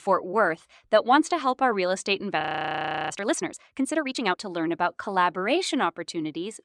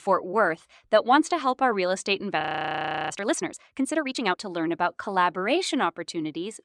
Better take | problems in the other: neither | audio freezing; at 2.5 s for 0.5 s; the same in both

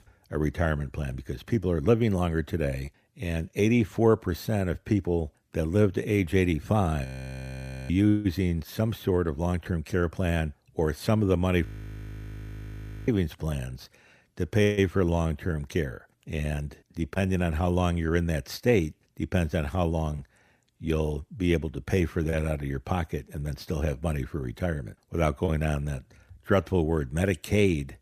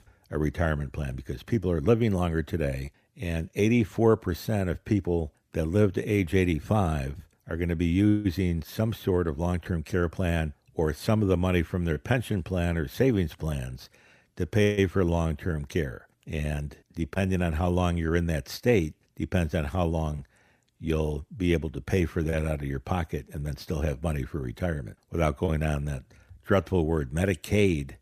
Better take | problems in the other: second | audio freezing; at 7 s for 1 s and at 12 s for 1.5 s

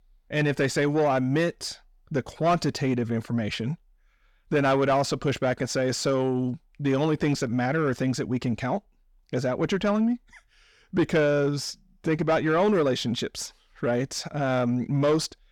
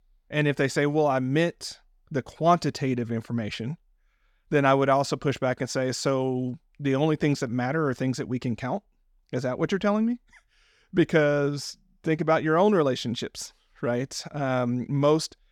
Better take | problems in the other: second | distortion; slight; 10 dB below the speech

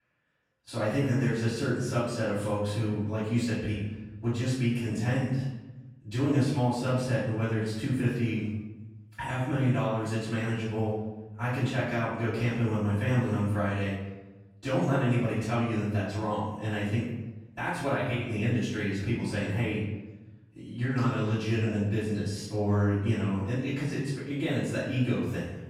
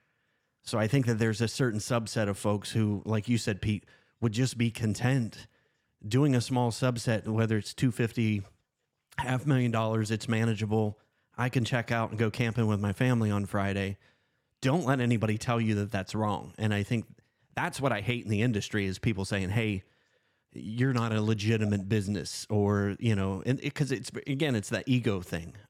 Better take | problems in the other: second | off-mic speech; far // room echo; noticeable; dies away in 1 s

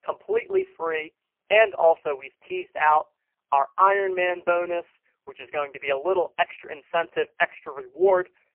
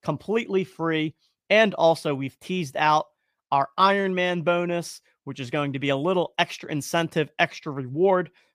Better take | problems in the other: second | phone-call audio; poor line; nothing above 3 kHz

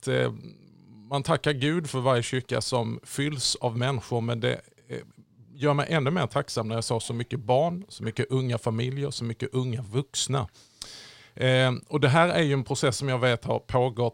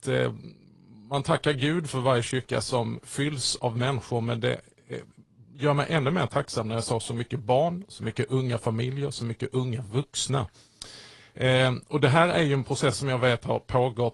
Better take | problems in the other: first | garbled, watery; slightly

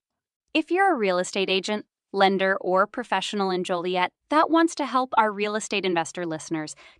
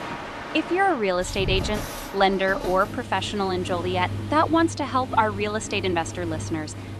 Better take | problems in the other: first | train or aircraft noise; loud; throughout; 9 dB below the speech

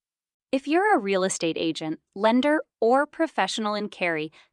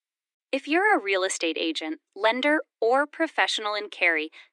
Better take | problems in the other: first | thin; very slightly; fading below 300 Hz

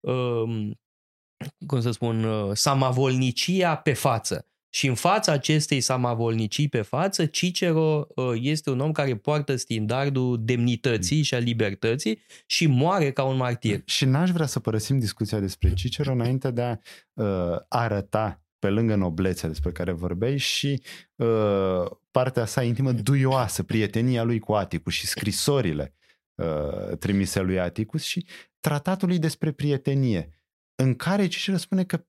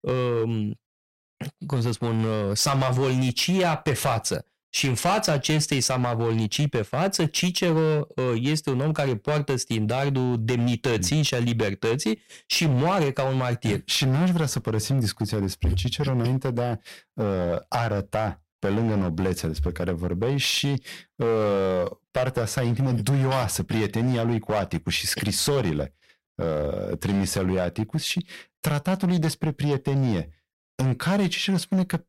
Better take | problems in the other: first | distortion; slight; 11% of the sound clipped

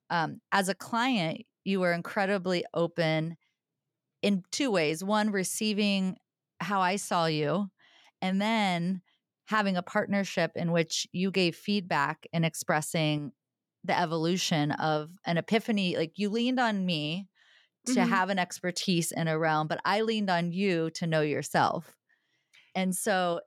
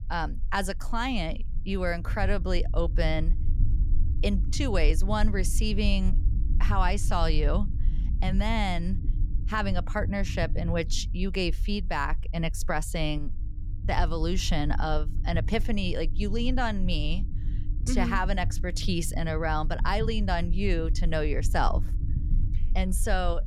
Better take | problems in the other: first | low rumble; noticeable; throughout; 20 dB below the speech

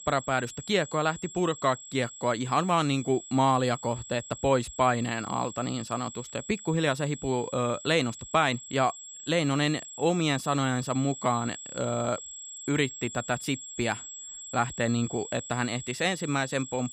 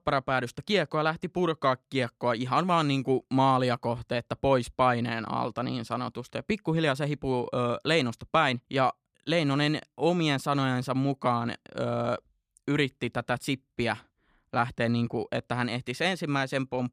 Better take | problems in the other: second | high-pitched whine; noticeable; throughout; 7.5 kHz, 10 dB below the speech

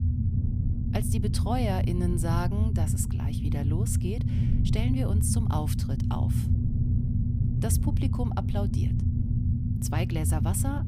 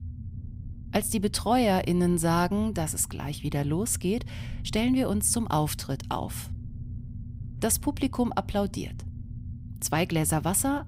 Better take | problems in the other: second | low rumble; loud; throughout; 3 dB below the speech; faint in the second

